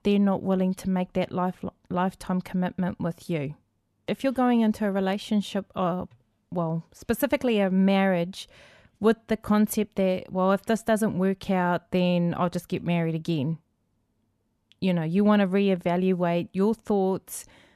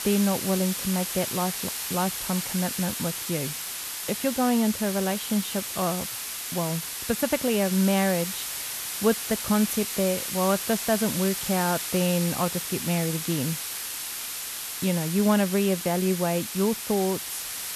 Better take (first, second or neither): first